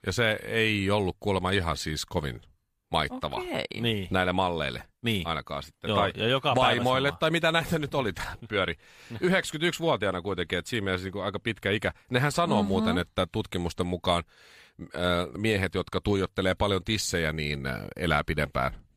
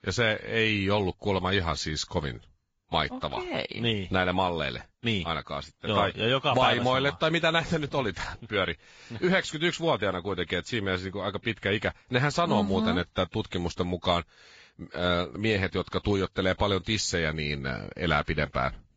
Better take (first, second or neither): first